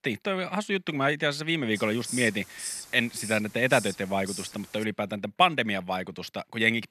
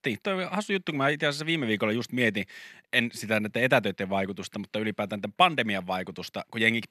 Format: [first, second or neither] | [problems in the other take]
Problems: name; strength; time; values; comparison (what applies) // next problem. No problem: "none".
second | hiss; loud; from 2 to 5 s; 10 dB below the speech